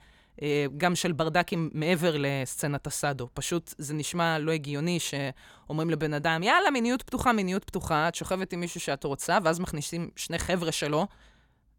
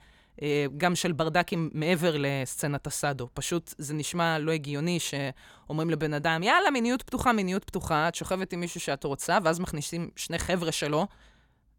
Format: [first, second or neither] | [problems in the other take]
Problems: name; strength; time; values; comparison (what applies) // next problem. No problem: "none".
neither | none